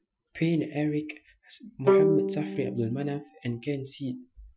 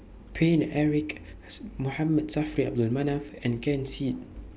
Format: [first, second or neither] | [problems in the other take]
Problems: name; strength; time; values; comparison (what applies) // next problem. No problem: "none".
second | noise reduction (classical method Wiener filter)